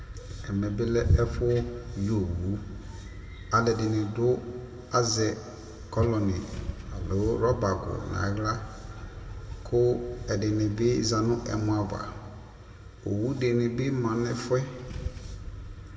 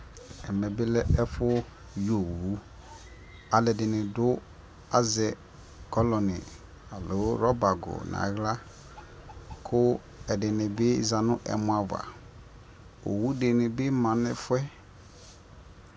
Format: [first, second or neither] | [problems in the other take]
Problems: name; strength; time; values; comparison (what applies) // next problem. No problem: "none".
second | background sound (Engine starting / Car); 15 dB below the speech // room echo; dies away in 1.7 s